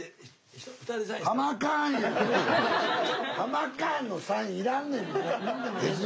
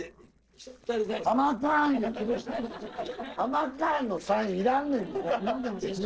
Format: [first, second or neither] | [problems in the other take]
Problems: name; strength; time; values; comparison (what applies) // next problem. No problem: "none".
first | noise reduction (neural separator model SepFormer DNS4)